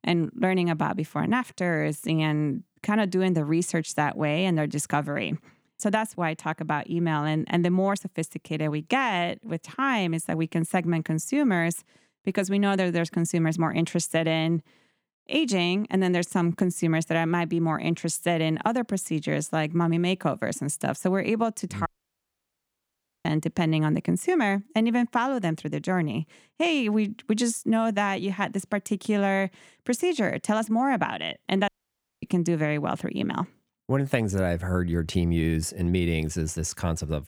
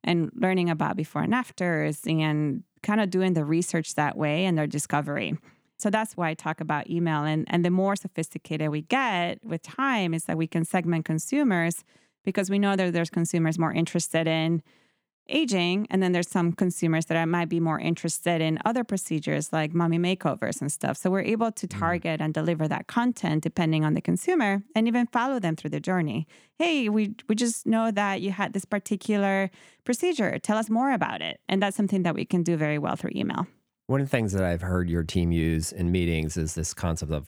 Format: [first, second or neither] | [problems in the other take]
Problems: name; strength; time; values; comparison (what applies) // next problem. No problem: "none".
second | audio cutting out; at 22 s for 1.5 s and at 32 s for 0.5 s